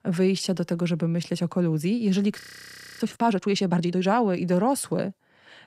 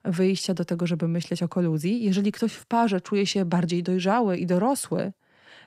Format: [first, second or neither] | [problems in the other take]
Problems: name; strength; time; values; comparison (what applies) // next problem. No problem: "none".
second | audio freezing; at 2.5 s for 0.5 s